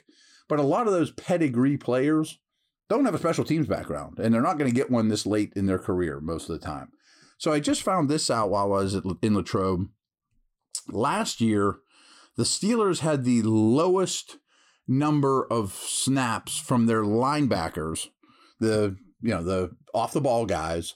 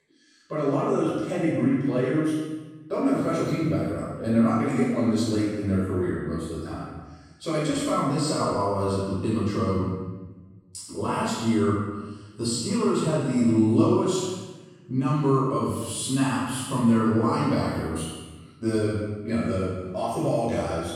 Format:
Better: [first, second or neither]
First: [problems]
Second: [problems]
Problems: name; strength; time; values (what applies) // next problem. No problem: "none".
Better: first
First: none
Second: off-mic speech; far // room echo; strong; dies away in 1.1 s